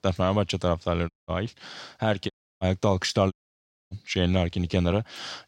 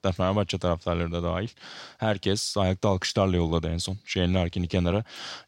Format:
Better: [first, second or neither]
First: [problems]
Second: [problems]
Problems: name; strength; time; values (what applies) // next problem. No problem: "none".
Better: second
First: audio cutting out; at 1 s, at 2.5 s and at 3.5 s for 0.5 s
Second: none